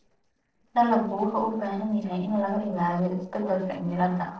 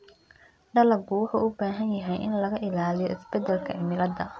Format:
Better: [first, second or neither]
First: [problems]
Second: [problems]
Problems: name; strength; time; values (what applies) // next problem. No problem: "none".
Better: second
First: noise reduction (neural separator model SepFormer DNS4)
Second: none